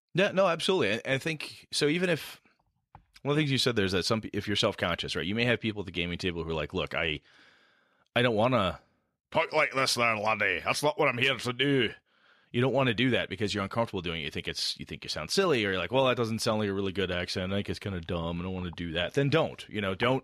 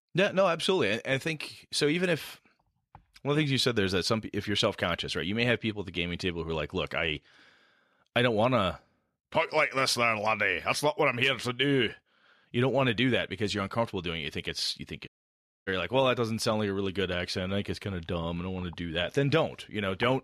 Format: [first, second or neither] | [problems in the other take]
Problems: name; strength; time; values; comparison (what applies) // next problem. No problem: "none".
first | audio cutting out; at 15 s for 0.5 s